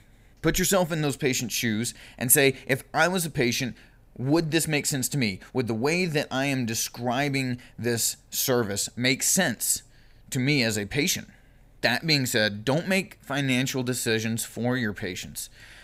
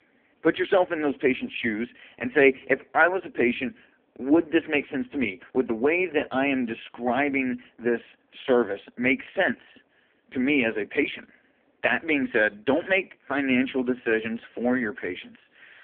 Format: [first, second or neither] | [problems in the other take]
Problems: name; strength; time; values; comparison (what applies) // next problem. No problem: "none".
first | phone-call audio; poor line